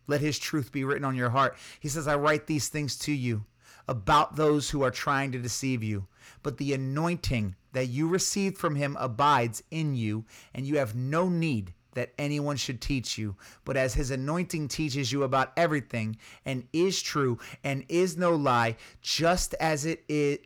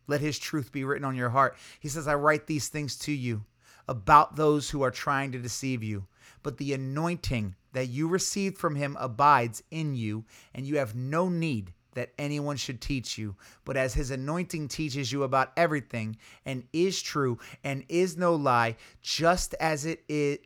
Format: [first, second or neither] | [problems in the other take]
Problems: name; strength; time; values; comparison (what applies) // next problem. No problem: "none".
second | distortion; slight; 10 dB below the speech